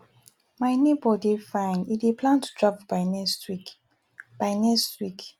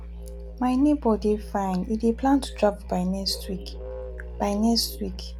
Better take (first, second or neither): first